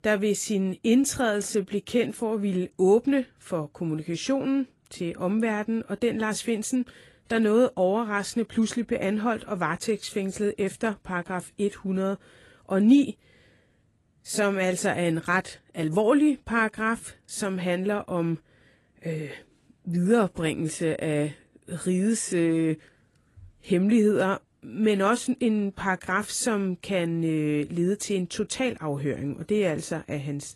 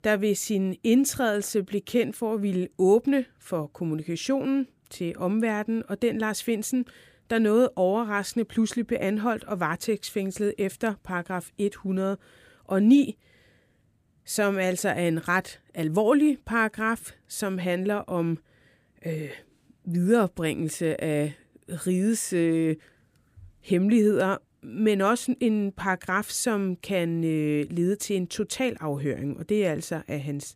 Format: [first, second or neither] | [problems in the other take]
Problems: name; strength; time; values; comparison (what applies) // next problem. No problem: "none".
second | garbled, watery; slightly; nothing above 11.5 kHz